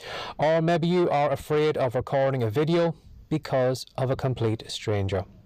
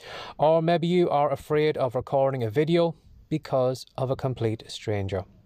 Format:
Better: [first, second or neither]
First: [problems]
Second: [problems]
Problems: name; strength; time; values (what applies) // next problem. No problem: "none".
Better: second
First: distortion; slight; 10 dB below the speech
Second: none